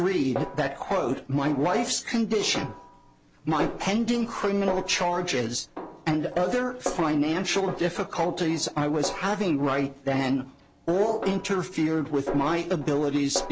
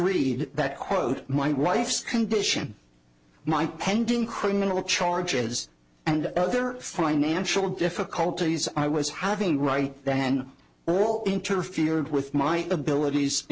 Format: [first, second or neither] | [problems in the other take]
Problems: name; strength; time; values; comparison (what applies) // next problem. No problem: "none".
second | background sound (Snare drum); 12 dB below the speech